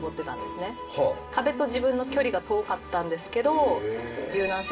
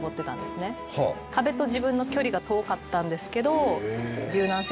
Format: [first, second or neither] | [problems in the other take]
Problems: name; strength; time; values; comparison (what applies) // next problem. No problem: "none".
second | room echo; dies away in 0.2 s